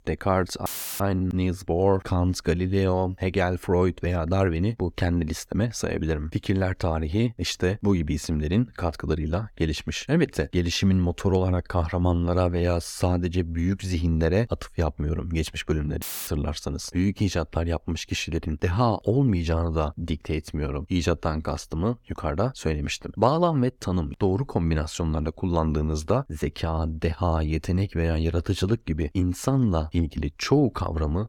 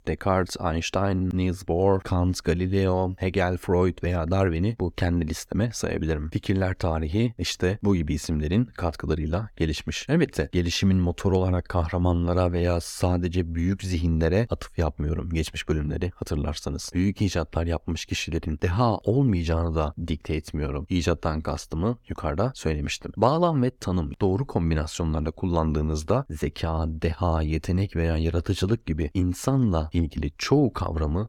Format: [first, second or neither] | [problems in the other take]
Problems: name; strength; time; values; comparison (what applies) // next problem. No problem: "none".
second | audio cutting out; filled with static; at 0.5 s and at 16 s